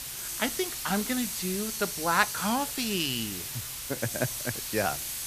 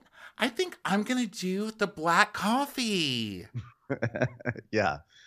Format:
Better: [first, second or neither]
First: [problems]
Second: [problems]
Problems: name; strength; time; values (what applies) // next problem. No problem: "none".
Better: second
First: hiss; loud; throughout; 2 dB below the speech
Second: none